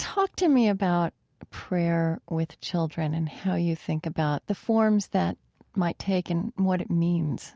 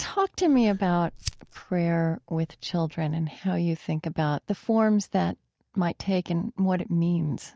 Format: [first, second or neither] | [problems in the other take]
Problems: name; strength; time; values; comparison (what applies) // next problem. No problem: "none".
first | noise reduction (neural mask model DeepFilterNet 3)